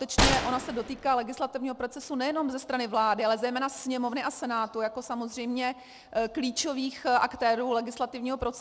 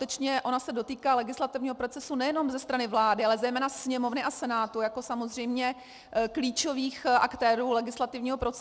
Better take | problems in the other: second | background sound (Gunshot, gunfire); 1 dB below the speech

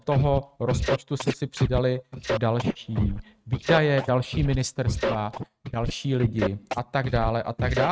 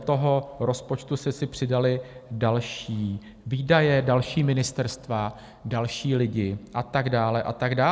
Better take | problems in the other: second | noise reduction (neural mask model RNNoise)

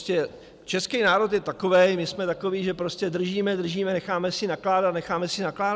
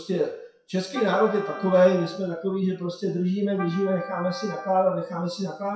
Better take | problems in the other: first | noise reduction (classical method WPE with log-MMSE)

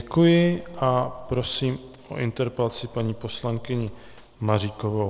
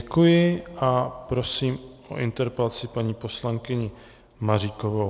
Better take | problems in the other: second | background sound (Gunshot, gunfire); 19 dB below the speech

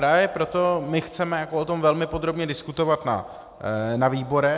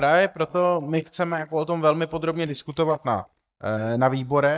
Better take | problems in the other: first | noise reduction (neural mask model DeepFilterNet 3)

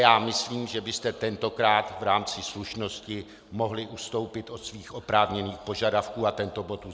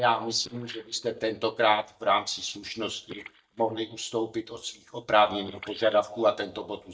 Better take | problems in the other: first | noise reduction (neural mask model DeepFilterNet 3)

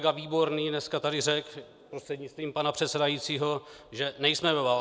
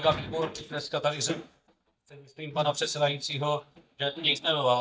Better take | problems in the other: first | noise reduction (neural mask model DeepFilterNet 3)

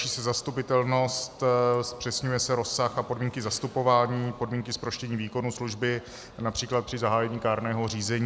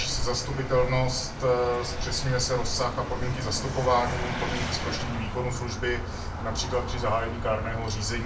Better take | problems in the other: first | background sound (Vehicle); 3 dB below the speech // room echo; dies away in 0.2 s

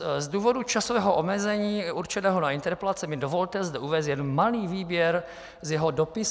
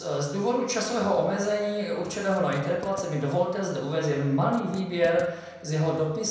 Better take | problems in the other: first | background sound (Writing); 19 dB below the speech // room echo; dies away in 0.9 s

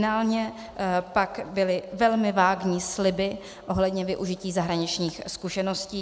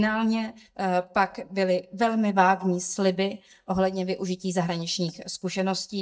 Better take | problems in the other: first | noise reduction (neural mask model DeepFilterNet 3)

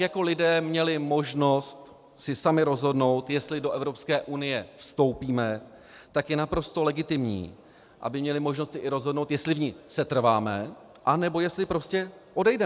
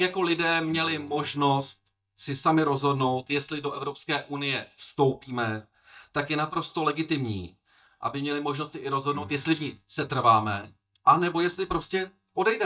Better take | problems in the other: first | noise reduction (neural mask model DeepFilterNet 3)

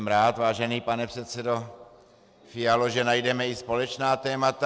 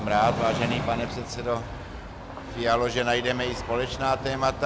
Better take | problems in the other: first | background sound (Train); 7 dB below the speech

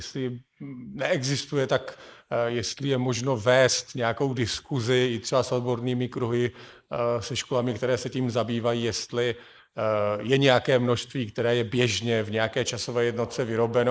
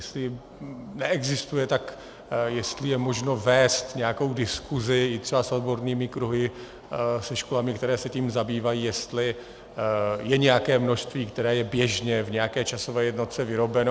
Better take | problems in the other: second | noise reduction (neural mask model Resemble Enhance denoiser)

